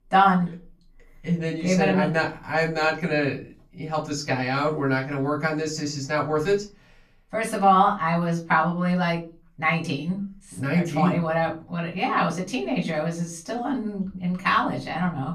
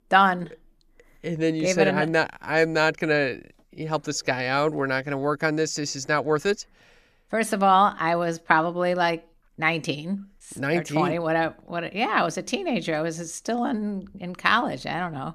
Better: second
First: off-mic speech; far // room echo; very slight; dies away in 0.4 s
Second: none

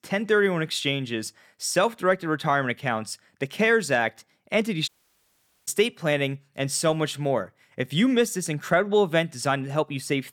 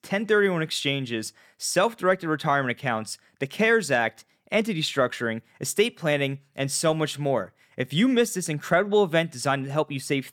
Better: second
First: audio cutting out; at 5 s for 1 s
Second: none

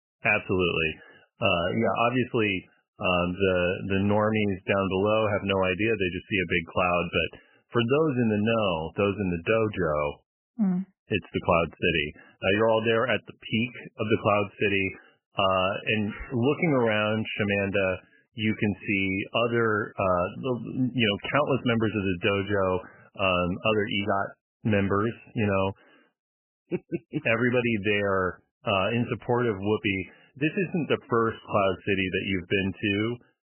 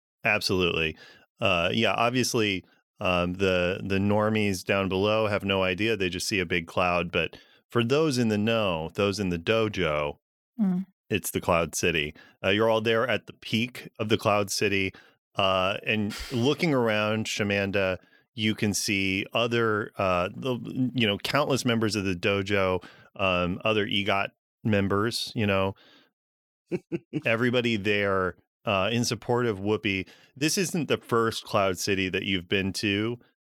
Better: second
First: garbled, watery; badly; nothing above 3 kHz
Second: none

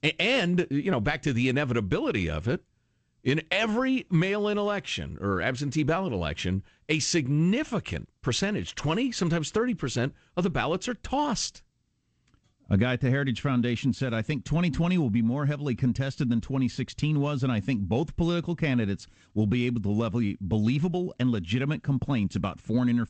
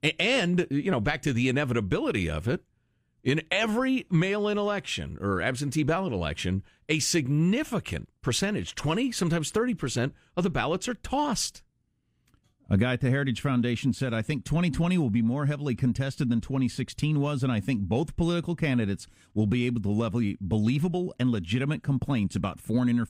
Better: second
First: garbled, watery; slightly; nothing above 8 kHz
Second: none

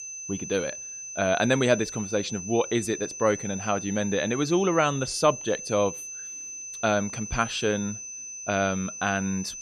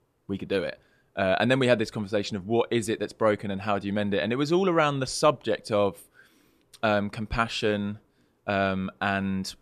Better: second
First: high-pitched whine; loud; throughout; 6 kHz, 9 dB below the speech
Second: none

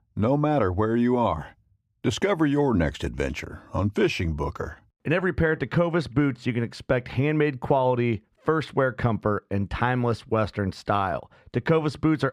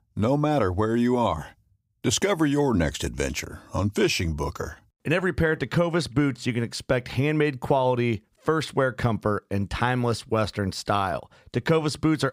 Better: second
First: muffled; slightly; fading above 4 kHz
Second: none

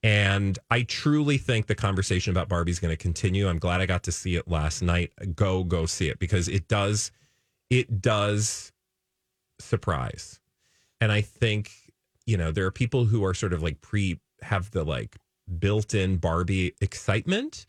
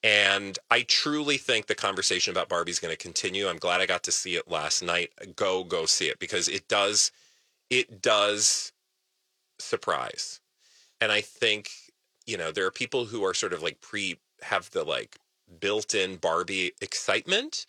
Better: first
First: none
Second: thin; very; fading below 500 Hz

